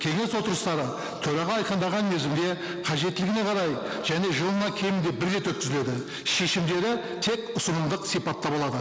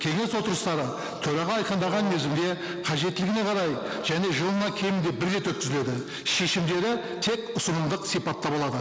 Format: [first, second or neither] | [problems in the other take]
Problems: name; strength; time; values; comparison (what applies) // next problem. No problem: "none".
first | background sound (Brass instrument); 11 dB below the speech